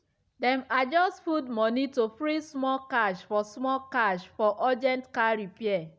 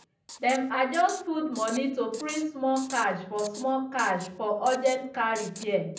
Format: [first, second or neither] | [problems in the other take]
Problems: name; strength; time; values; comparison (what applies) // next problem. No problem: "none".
first | background sound (Writing); 16 dB below the speech // room echo; dies away in 0.6 s